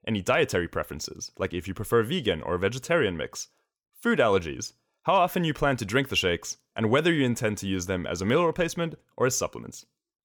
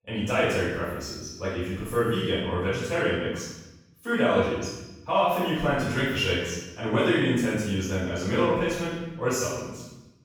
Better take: first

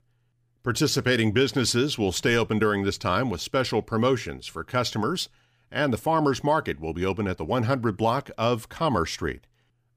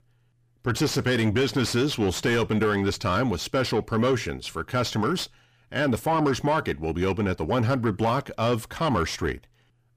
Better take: first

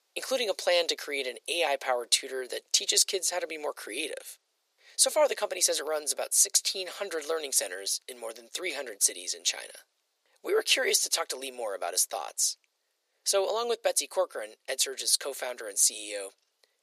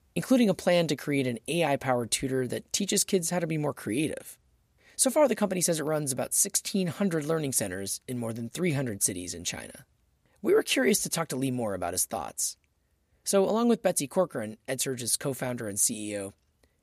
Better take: second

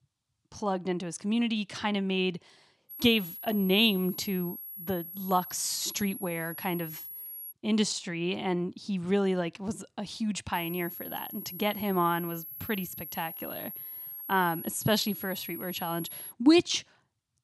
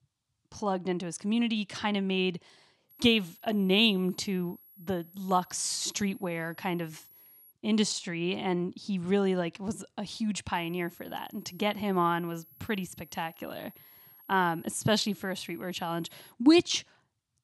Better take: second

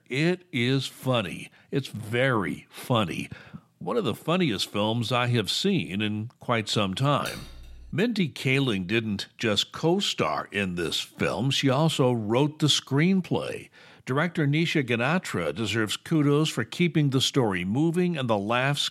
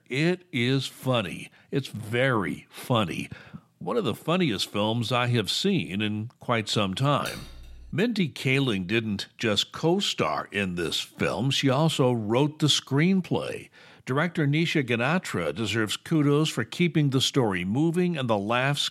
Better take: neither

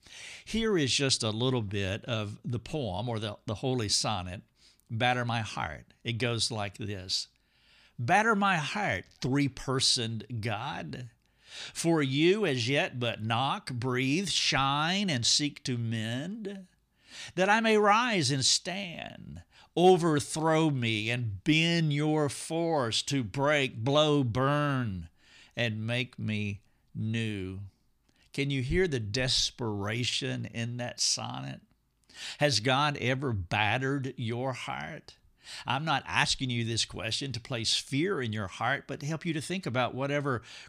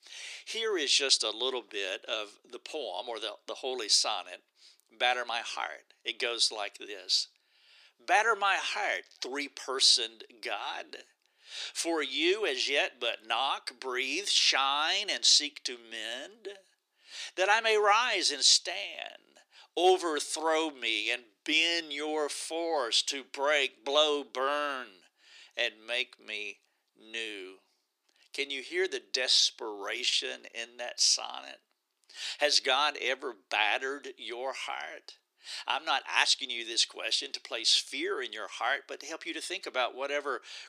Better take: first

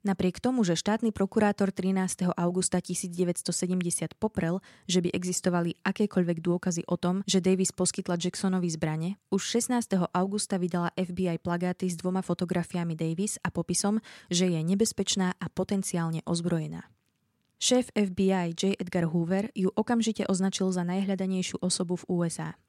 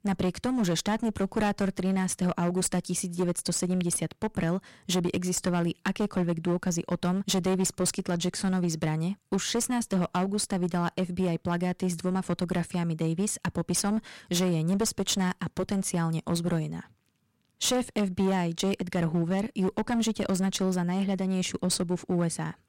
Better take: first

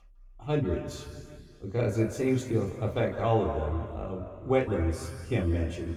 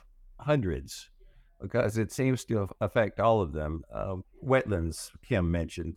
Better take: second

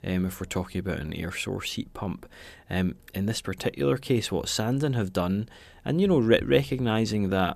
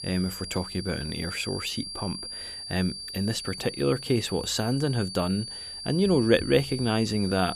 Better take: first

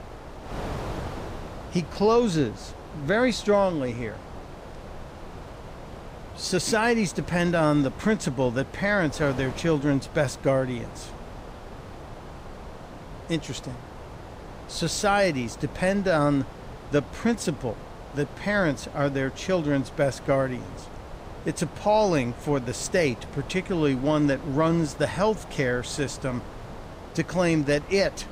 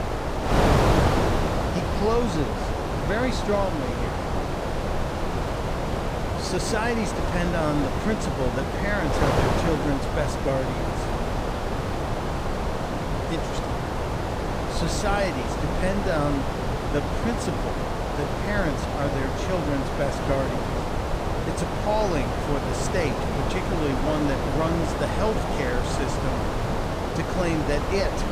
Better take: first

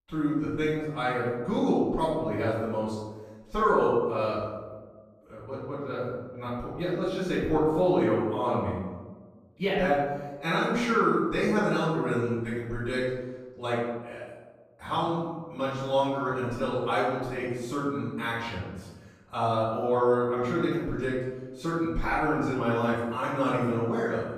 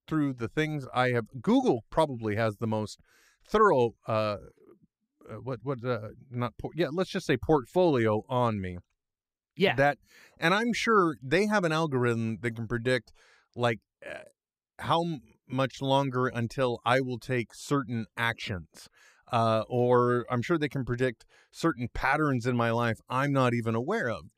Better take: second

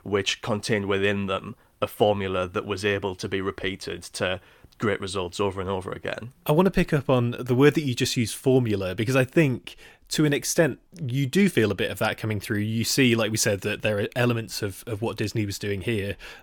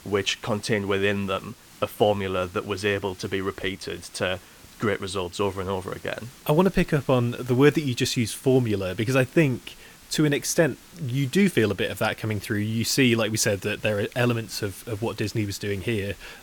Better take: first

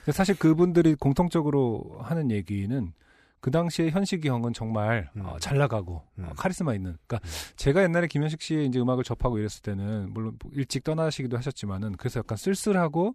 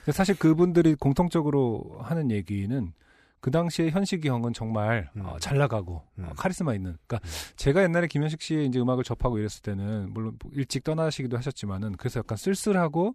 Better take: neither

